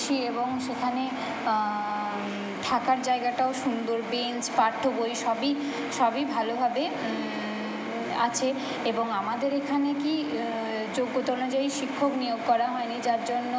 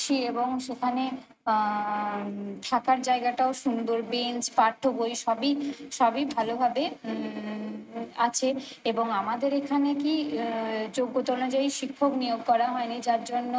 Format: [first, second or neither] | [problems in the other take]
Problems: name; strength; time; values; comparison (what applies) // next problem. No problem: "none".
first | noise reduction (neural mask model RNNoise)